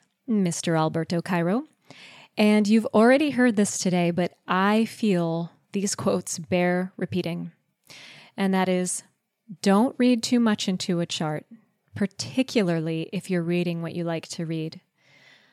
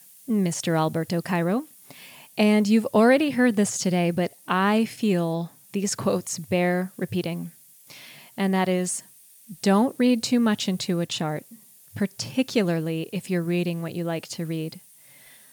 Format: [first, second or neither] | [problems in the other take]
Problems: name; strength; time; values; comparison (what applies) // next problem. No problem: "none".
first | hiss; faint; throughout; 25 dB below the speech